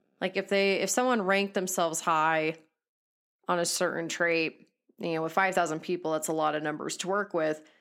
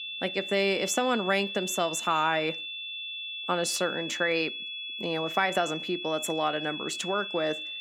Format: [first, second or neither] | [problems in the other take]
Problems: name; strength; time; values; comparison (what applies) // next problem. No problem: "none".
first | high-pitched whine; loud; throughout; 3.5 kHz, 6 dB below the speech